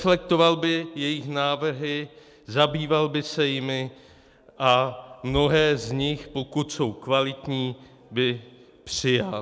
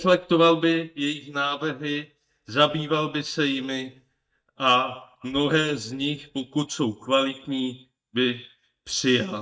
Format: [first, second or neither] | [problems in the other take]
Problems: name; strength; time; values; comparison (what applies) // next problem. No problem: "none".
first | noise reduction (neural mask model DeepFilterNet 3)